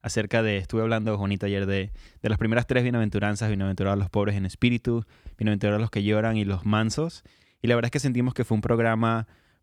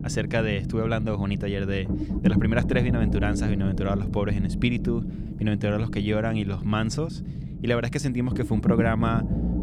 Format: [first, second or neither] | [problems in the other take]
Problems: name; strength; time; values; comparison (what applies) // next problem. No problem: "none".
first | low rumble; loud; throughout; 7 dB below the speech